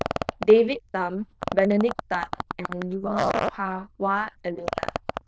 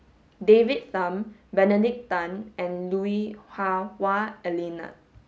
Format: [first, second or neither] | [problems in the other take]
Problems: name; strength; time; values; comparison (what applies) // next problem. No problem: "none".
second | noise reduction (neural diffusion model UNIVERSE++)